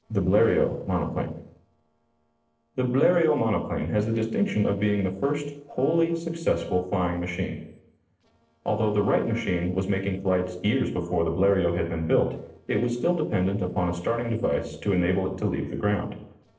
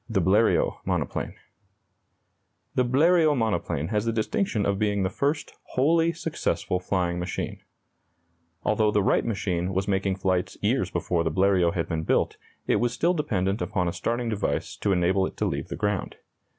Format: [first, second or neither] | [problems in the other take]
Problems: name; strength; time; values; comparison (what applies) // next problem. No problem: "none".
second | noise reduction (neural separator model SepFormer DNS4)